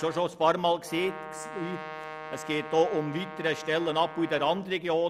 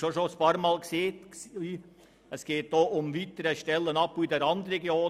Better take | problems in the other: second | background sound (Brass instrument); 13 dB below the speech

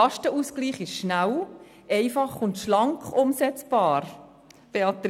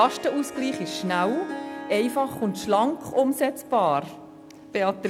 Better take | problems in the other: first | background sound (Harp); 12 dB below the speech

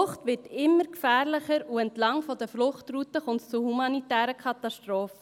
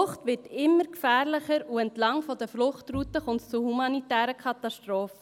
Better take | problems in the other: first | background sound (Bowed string instrument); 18 dB below the speech

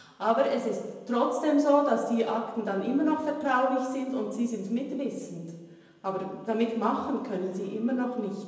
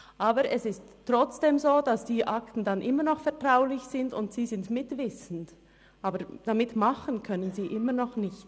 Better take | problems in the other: second | room echo; dies away in 1 s

